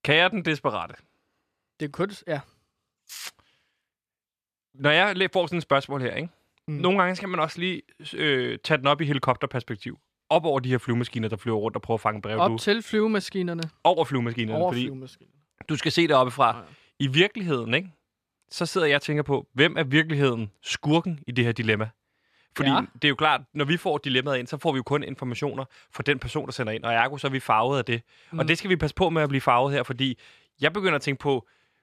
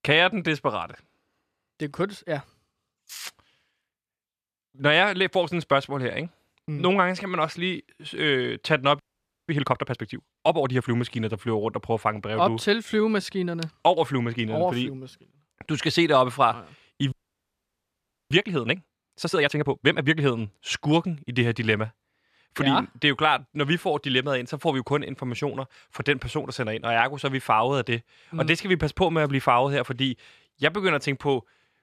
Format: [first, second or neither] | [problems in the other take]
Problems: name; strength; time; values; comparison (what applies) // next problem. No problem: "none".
first | audio freezing; at 9 s and at 17 s for 1 s